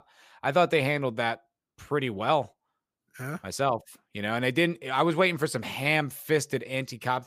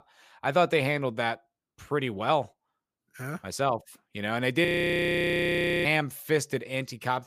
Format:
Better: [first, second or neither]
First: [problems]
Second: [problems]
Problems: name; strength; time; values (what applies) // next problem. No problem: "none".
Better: first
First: none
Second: audio freezing; at 4.5 s for 1 s